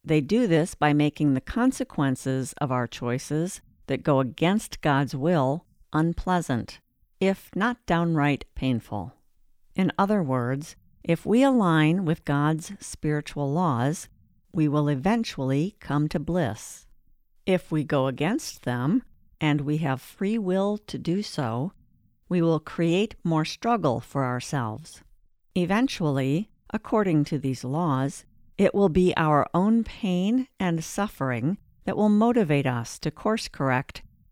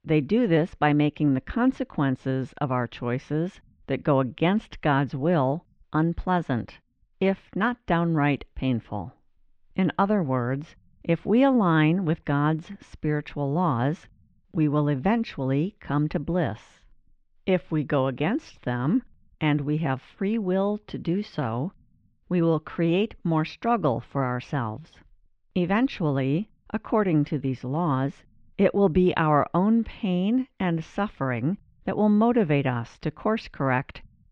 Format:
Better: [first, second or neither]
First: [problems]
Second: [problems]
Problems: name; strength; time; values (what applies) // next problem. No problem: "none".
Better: first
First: none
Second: muffled; slightly; fading above 3 kHz